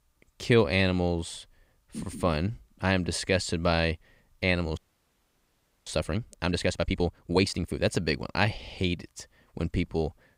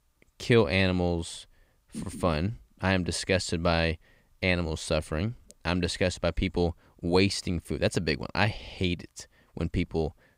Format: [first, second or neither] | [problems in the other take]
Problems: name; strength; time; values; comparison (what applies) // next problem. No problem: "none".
second | audio freezing; at 5 s for 1 s